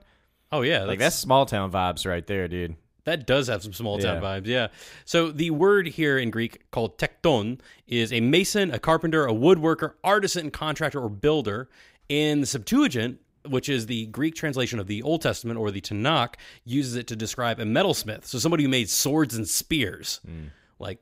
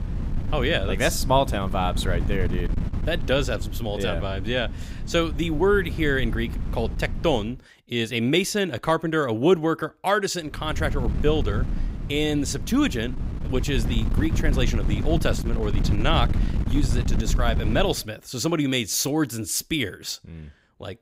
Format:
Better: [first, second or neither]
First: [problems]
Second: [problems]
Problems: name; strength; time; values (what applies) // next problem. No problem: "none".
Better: first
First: none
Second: wind noise on the microphone; occasional gusts; until 7.5 s and from 11 to 18 s; 15 dB below the speech